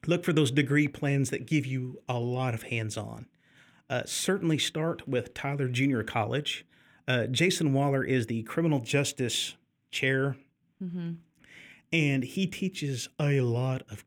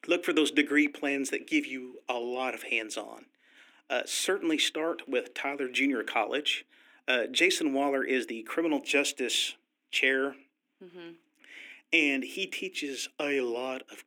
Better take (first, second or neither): first